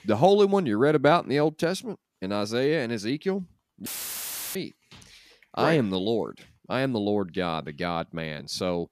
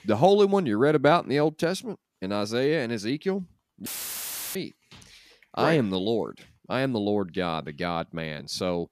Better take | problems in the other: neither | audio cutting out; filled with static; at 4 s for 0.5 s; the same in both

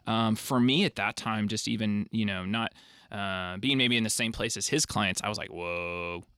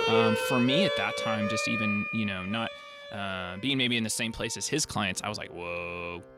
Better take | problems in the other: first | background music; loud; throughout; as loud as the speech

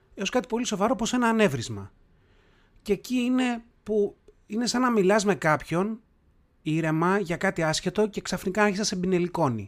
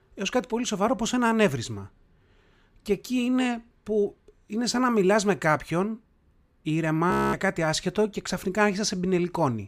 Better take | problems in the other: first | audio freezing; at 7 s

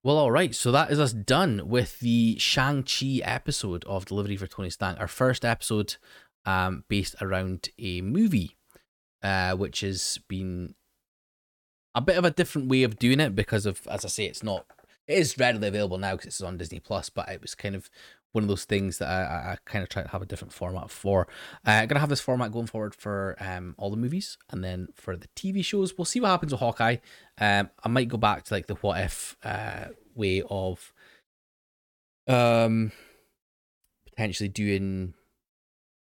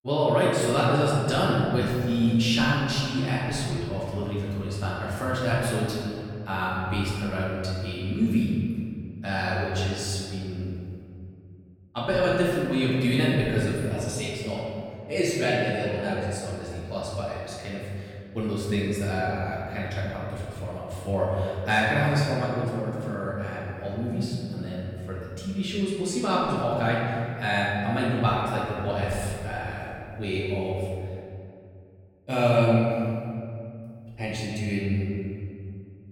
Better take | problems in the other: first | room echo; strong; dies away in 2.4 s // off-mic speech; far

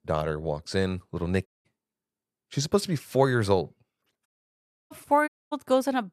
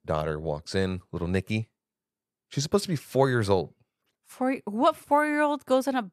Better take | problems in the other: second | audio cutting out; at 1.5 s, at 4.5 s for 0.5 s and at 5.5 s

